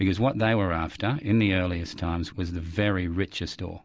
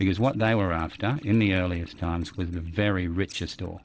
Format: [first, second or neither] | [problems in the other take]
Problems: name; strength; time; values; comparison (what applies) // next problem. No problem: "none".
first | noise reduction (neural separator model SepFormer DNS4)